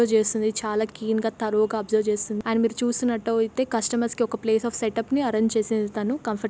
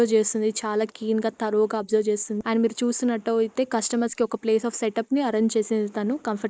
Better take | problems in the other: first | noise reduction (neural mask model Resemble Enhance denoiser)

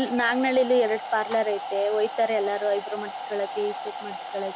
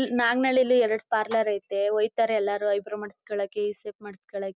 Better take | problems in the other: second | background sound (Domestic sounds, home sounds); 9 dB below the speech

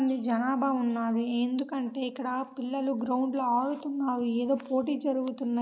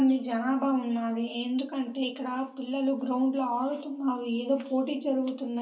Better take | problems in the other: first | room echo; dies away in 0.3 s

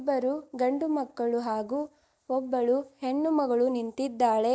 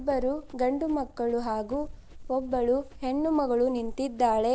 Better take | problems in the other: first | background sound (Run); 14 dB below the speech

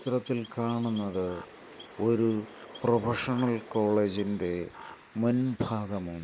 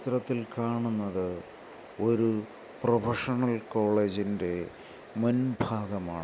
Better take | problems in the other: second | noise reduction (neural mask model Resemble Enhance denoiser)

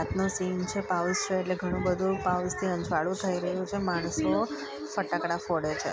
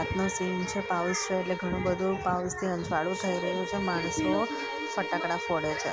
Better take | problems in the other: first | background sound (Bowed string instrument); 8 dB below the speech

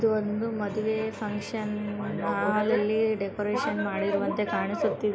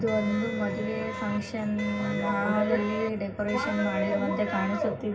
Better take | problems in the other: first | background sound (Wind instrument, woodwind instrument); 9 dB below the speech // room echo; dies away in 0.4 s

